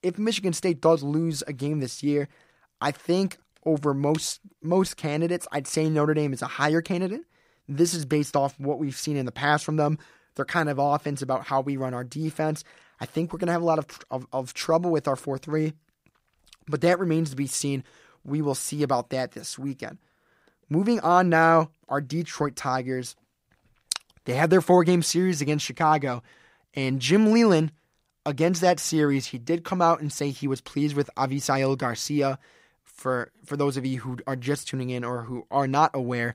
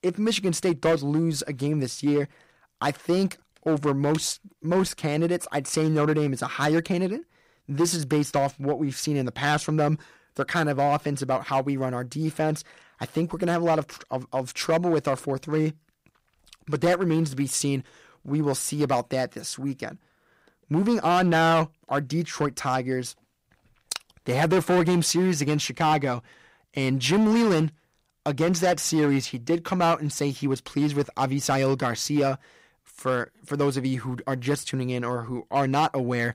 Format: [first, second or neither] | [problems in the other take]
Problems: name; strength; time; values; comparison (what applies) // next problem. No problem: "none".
first | distortion; slight; 6% of the sound clipped